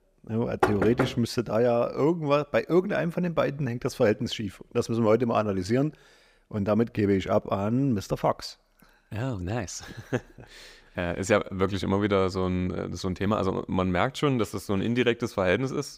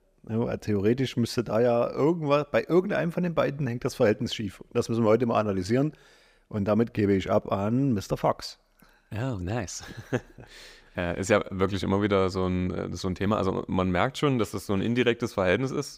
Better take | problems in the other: second | door banging; noticeable; at 0.5 s; peak level with the speech

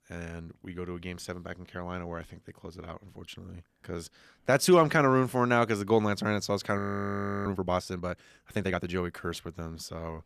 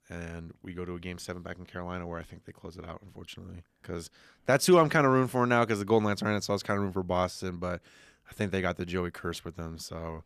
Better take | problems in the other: second | audio freezing; at 7 s for 0.5 s

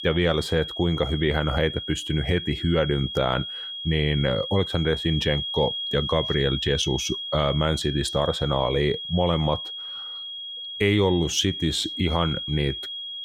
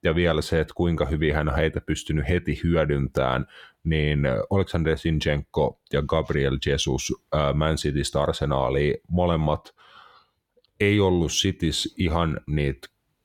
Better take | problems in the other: second | high-pitched whine; loud; throughout; 3.5 kHz, 6 dB below the speech

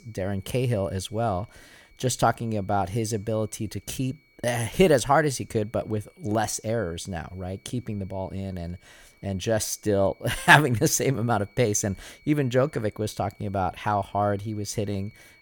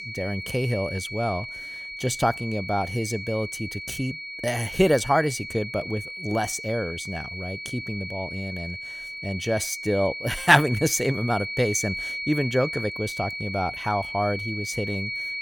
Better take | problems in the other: first | high-pitched whine; loud; throughout; 2.5 kHz, 6 dB below the speech; faint in the first

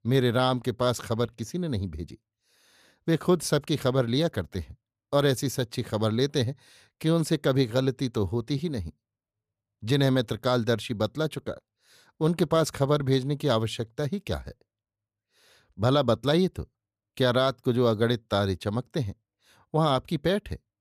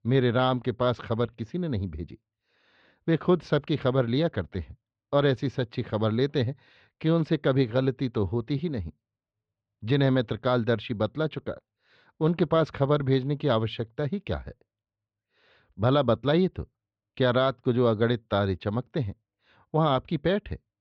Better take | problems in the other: first | muffled; slightly; fading above 3.5 kHz

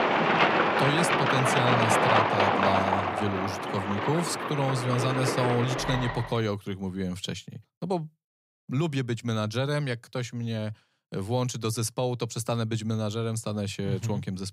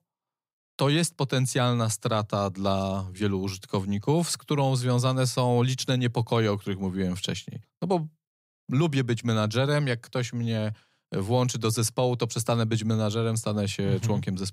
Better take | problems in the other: second | traffic noise; very loud; until 6 s; 4 dB above the speech

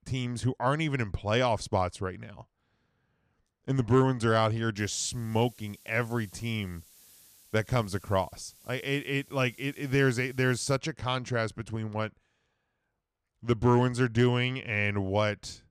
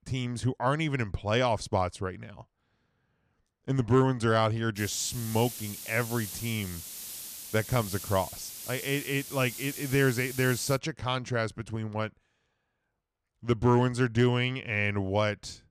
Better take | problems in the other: first | hiss; loud; from 5 to 11 s; 10 dB below the speech; faint in the first

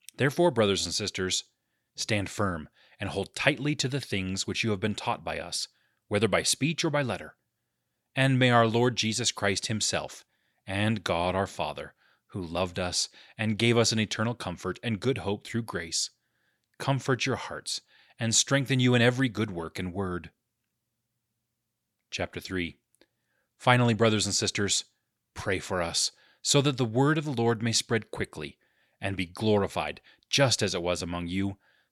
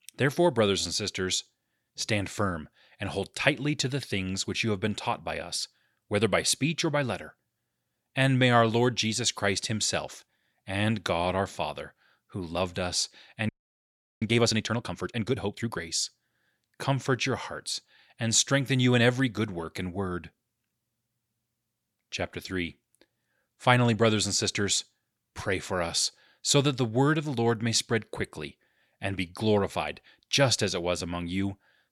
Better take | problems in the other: first | audio freezing; at 13 s for 0.5 s

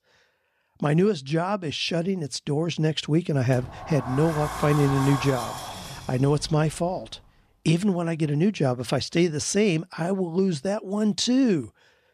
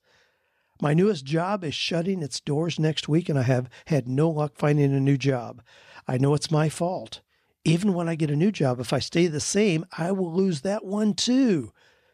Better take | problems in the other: second | door banging; noticeable; from 3.5 to 7 s; peak 6 dB below the speech

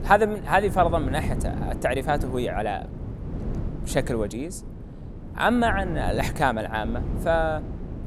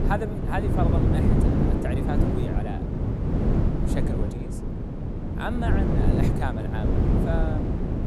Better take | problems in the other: first | wind noise on the microphone; heavy; 2 dB above the speech; occasional gusts in the first

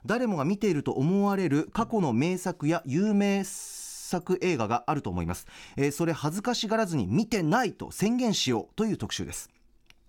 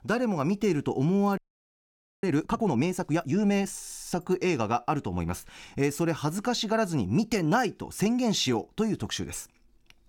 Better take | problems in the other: first | audio freezing; at 1.5 s for 1 s

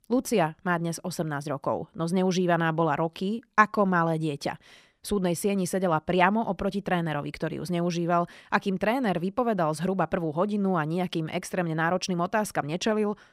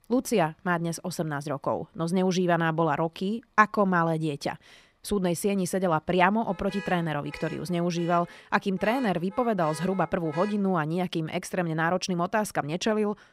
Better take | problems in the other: first | traffic noise; noticeable; throughout; 15 dB below the speech

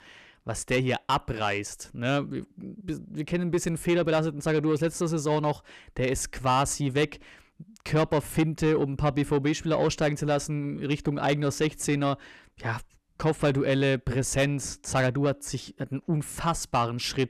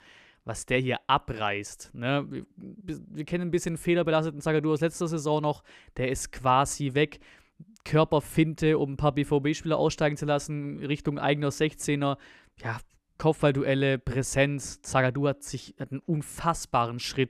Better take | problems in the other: second | distortion; slight; 10 dB below the speech

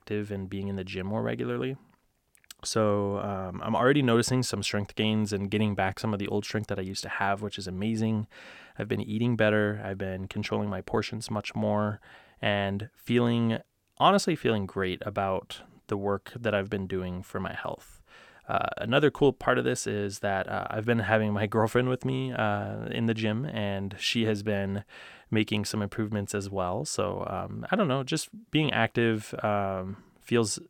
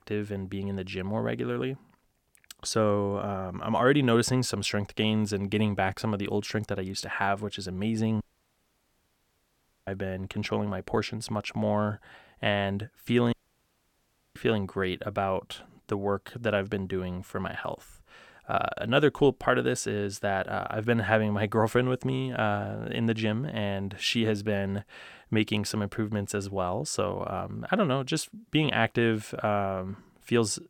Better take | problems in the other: first | audio cutting out; at 8 s for 1.5 s and at 13 s for 1 s

